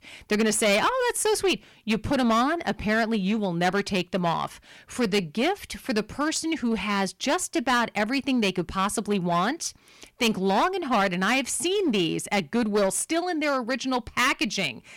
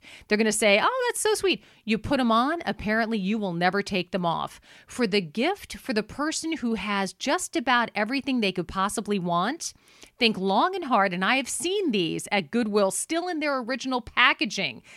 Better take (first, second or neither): second